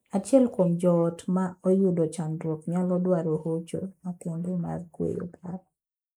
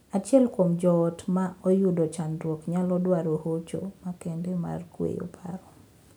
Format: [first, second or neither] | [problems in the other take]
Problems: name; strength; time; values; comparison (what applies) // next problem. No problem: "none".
second | noise reduction (neural mask model Resemble Enhance denoiser)